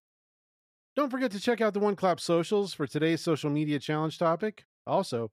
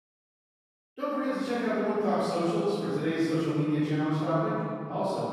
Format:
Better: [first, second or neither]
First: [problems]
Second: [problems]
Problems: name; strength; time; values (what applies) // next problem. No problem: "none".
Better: first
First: none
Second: off-mic speech; far // room echo; strong; dies away in 2.5 s